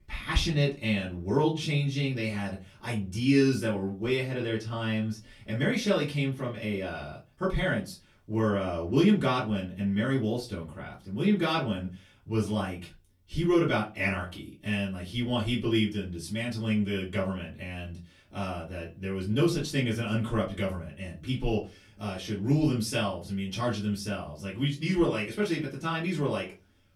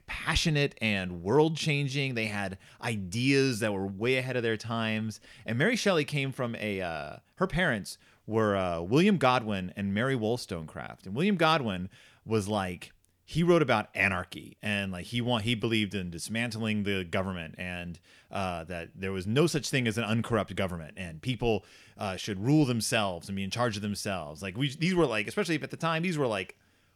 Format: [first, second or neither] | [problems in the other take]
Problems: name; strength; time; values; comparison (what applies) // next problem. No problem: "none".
second | off-mic speech; far // room echo; very slight; dies away in 0.2 s